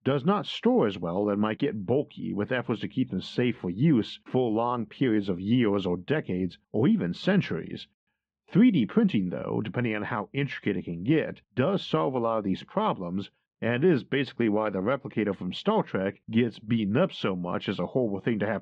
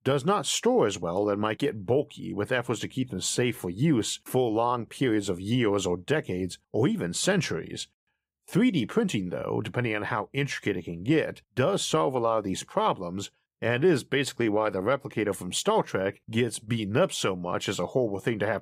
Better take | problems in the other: second | muffled; slightly; fading above 3.5 kHz

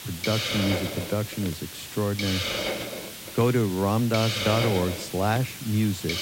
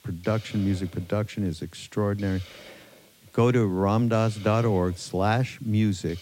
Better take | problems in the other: second | hiss; loud; throughout; 4 dB below the speech; faint in the second

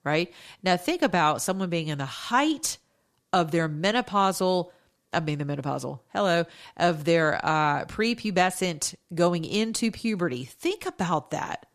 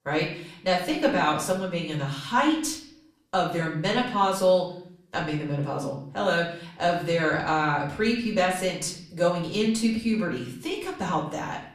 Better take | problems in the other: first | room echo; slight; dies away in 0.6 s // off-mic speech; far

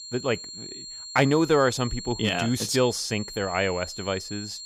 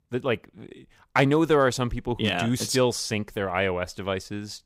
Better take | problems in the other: second | high-pitched whine; noticeable; throughout; 4 kHz, 10 dB below the speech

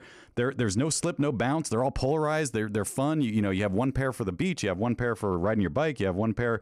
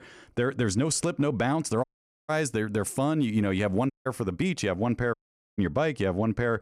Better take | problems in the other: first | audio cutting out; at 2 s, at 4 s and at 5 s

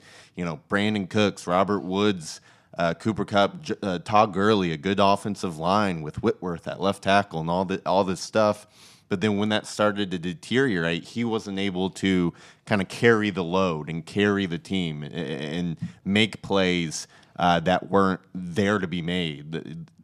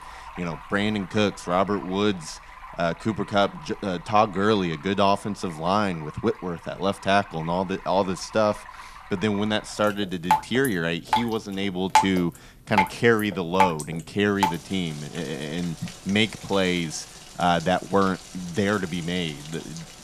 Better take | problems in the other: first | rain or running water; loud; throughout; 6 dB below the speech

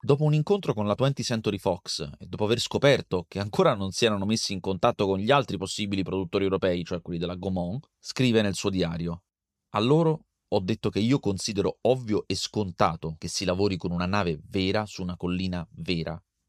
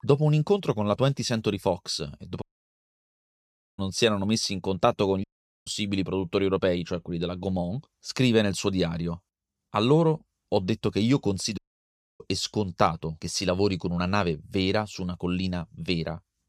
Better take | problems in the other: first | audio cutting out; at 2.5 s for 1.5 s, at 5 s and at 12 s for 0.5 s

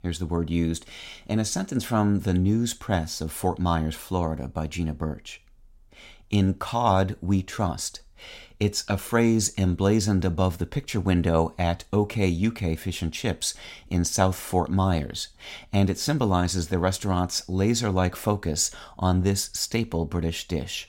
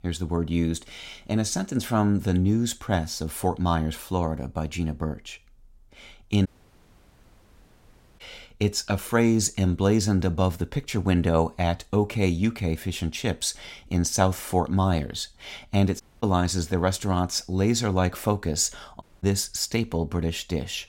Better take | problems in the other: first | audio cutting out; at 6.5 s for 1.5 s, at 16 s and at 19 s

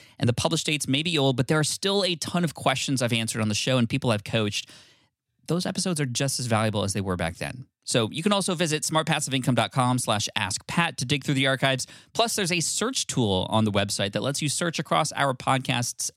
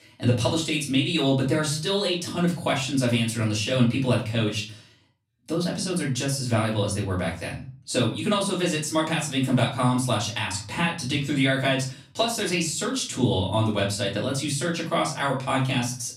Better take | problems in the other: first | off-mic speech; far // room echo; slight; dies away in 0.4 s

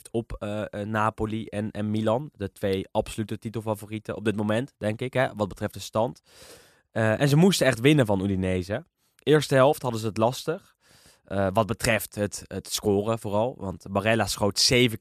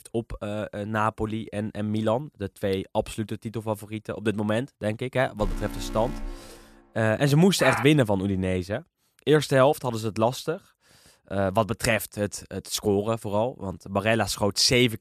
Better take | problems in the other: first | alarm; faint; at 5.5 s; peak 10 dB below the speech // dog barking; noticeable; at 7.5 s; peak 2 dB below the speech

